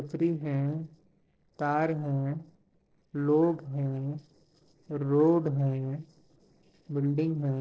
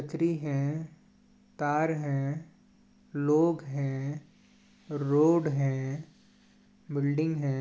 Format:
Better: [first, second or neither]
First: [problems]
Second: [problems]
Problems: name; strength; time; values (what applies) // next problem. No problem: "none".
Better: second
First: noise reduction (neural separator model SepFormer DNS4)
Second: none